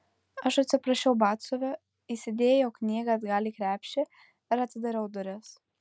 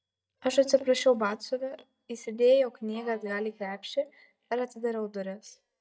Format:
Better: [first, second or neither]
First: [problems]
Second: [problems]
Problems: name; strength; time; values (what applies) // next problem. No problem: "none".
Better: first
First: none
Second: noise reduction (neural mask model DeepFilterNet 3)